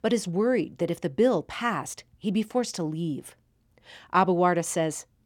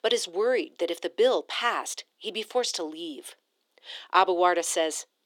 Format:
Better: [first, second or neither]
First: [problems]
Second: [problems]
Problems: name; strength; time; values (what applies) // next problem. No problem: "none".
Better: first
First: none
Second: thin; very; fading below 350 Hz